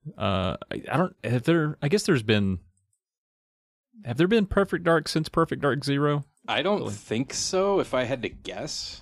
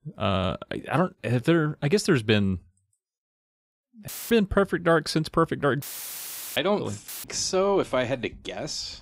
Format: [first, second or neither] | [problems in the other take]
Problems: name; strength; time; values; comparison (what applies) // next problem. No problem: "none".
first | audio cutting out; filled with static; at 4 s, at 6 s for 0.5 s and at 7 s